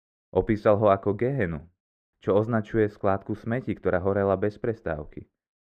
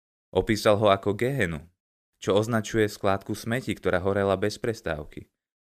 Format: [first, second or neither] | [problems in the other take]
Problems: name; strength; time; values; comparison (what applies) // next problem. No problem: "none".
second | muffled; very; fading above 3 kHz